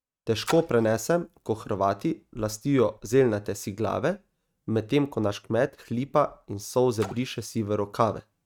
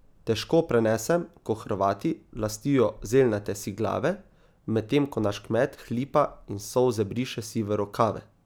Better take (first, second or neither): second